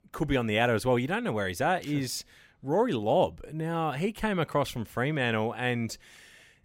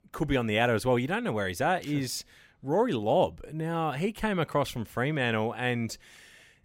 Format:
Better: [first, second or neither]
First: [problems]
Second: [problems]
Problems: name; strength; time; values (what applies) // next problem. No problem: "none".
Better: neither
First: none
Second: none